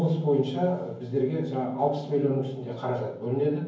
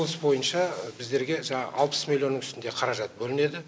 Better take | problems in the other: second | room echo; dies away in 0.9 s

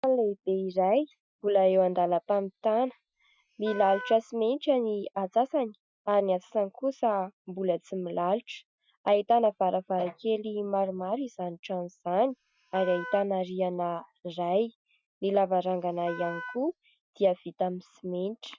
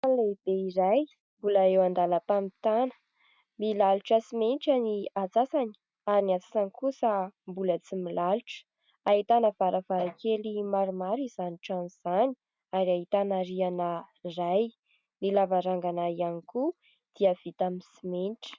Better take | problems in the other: second | noise reduction (classical method Wiener filter)

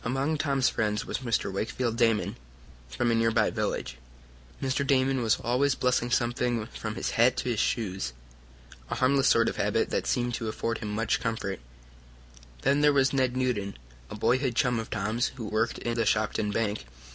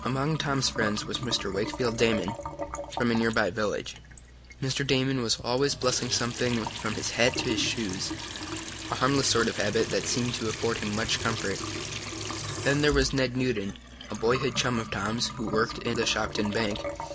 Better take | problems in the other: first | background sound (Trickle, dribble / Sink (filling or washing) / Water tap, faucet); 8 dB below the speech

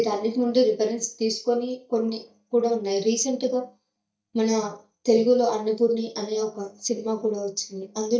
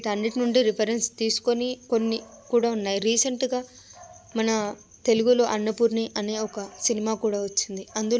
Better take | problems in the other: second | noise reduction (neural mask model DeepFilterNet 3)

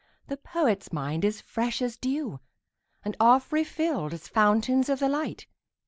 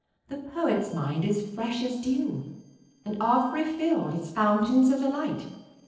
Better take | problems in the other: first | noise reduction (neural separator model SepFormer DNS4)

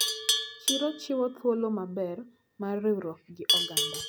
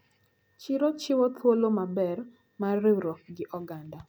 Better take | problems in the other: second | background sound (Livestock, farm animals, working animals); as loud as the speech

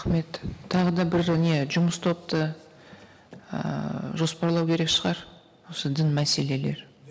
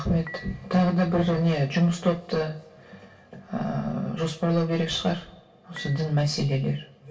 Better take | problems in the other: first | background sound (Dishes, pots, and pans / Chink, clink); 20 dB below the speech // room echo; dies away in 0.2 s

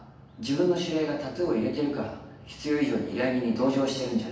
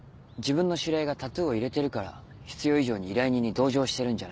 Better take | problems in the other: second | room echo; dies away in 0.9 s

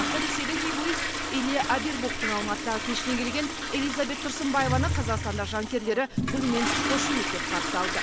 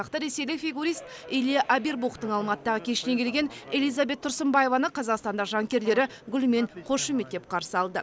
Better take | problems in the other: second | background sound (Toilet flush); as loud as the speech

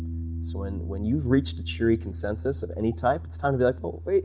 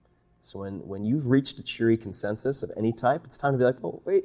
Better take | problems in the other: second | background sound (Piano); 7 dB below the speech

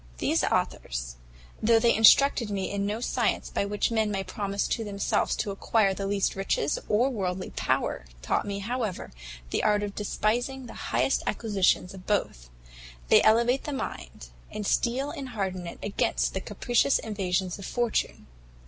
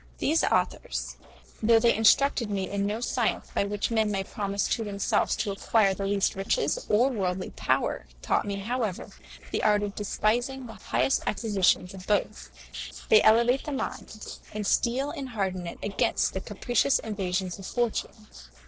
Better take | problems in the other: first | noise reduction (neural separator model SepFormer DNS4)

